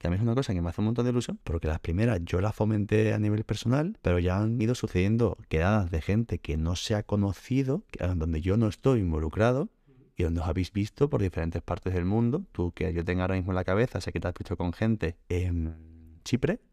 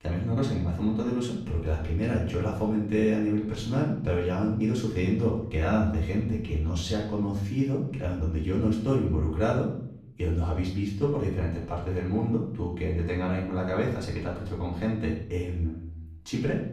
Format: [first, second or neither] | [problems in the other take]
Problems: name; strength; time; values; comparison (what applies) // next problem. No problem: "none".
first | off-mic speech; far // room echo; noticeable; dies away in 0.6 s